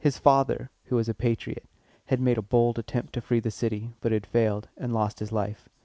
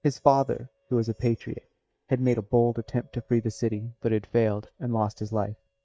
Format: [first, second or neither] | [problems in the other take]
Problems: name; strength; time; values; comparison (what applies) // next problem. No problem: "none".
first | noise reduction (neural mask model DeepFilterNet 3)